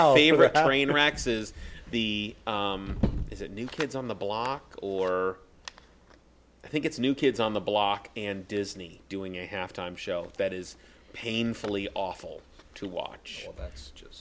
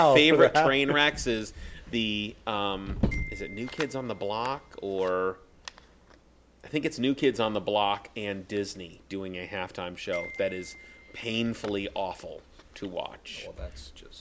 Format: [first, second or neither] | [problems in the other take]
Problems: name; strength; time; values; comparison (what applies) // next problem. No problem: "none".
first | background sound (Glockenspiel); 19 dB below the speech